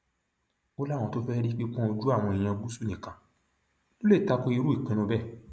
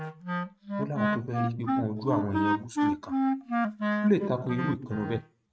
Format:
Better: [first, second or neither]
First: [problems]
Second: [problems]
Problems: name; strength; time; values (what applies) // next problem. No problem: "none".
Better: first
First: none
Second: noise reduction (neural mask model RNNoise)